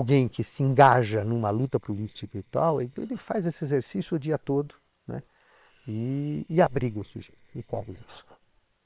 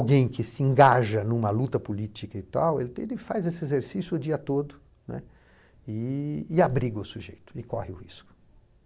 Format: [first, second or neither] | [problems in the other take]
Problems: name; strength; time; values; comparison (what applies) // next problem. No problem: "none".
second | noise reduction (neural separator model SepFormer WHAM!)